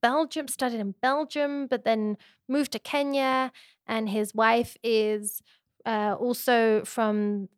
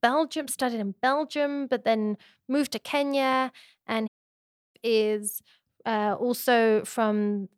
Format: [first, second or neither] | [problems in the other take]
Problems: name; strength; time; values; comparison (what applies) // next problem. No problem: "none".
first | audio cutting out; at 4 s for 0.5 s